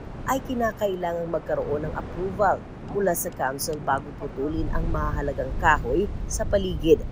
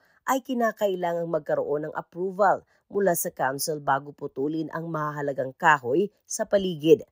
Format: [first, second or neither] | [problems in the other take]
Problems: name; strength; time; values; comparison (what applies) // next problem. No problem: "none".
second | wind in the background; loud; throughout; 9 dB below the speech